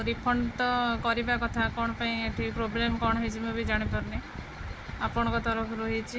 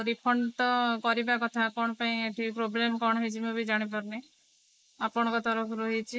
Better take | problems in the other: first | noise reduction (neural mask model Resemble Enhance denoiser)

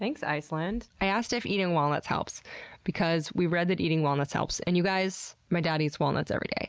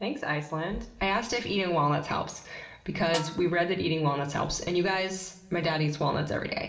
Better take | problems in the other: first | background sound (Snare drum); 11 dB below the speech // room echo; dies away in 0.8 s

